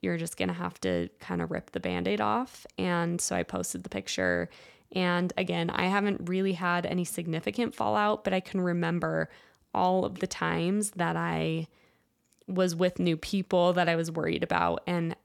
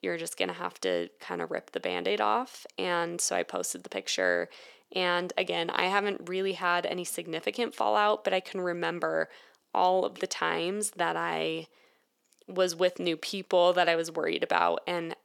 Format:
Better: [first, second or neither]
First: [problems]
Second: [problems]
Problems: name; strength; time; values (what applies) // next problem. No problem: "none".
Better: first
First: none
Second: thin; somewhat; fading below 400 Hz